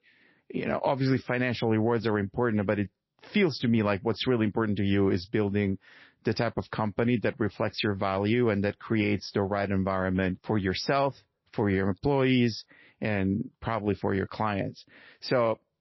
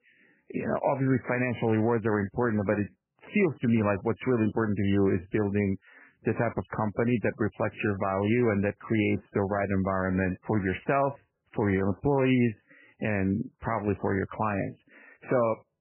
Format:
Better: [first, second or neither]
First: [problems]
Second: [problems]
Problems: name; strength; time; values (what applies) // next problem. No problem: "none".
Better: first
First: garbled, watery; slightly; nothing above 5.5 kHz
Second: garbled, watery; badly; nothing above 3 kHz